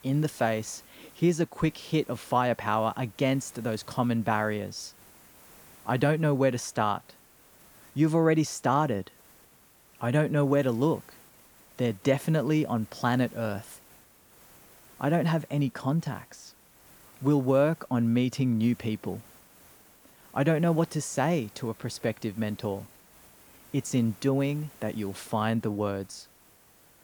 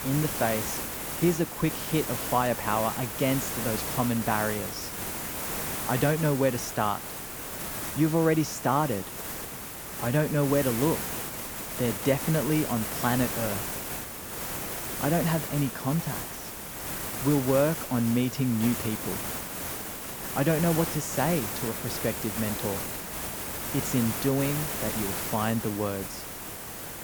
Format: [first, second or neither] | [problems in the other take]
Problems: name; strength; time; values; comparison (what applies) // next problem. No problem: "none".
first | hiss; loud; throughout; 4 dB below the speech; faint in the first